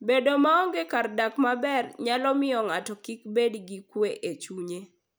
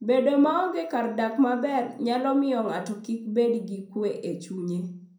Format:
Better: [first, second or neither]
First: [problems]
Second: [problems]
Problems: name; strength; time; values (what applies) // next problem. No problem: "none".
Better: first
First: none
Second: room echo; dies away in 0.5 s